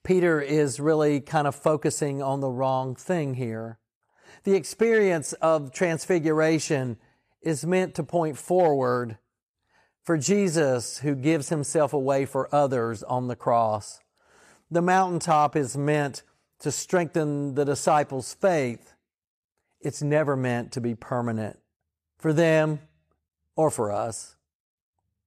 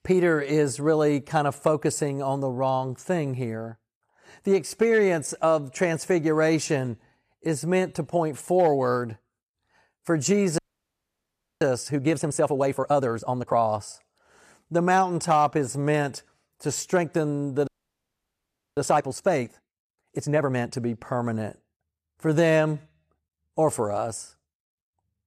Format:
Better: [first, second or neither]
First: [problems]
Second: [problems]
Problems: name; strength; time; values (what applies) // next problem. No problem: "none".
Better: first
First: none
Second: audio freezing; at 11 s for 1 s and at 18 s for 1 s